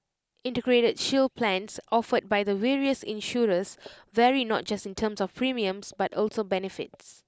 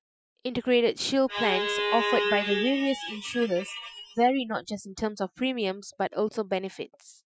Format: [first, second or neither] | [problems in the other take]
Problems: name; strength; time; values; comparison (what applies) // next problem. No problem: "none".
first | noise reduction (classical method Wiener filter)